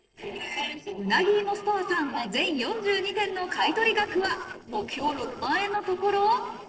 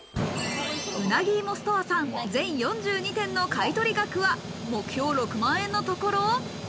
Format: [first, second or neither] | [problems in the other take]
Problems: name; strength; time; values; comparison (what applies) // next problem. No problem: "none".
second | noise reduction (neural separator model SepFormer DNS4)